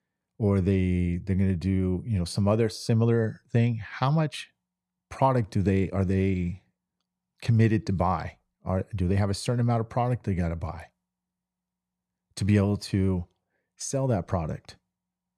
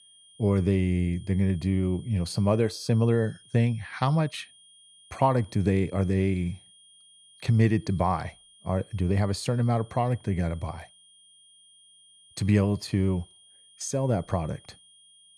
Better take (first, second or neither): first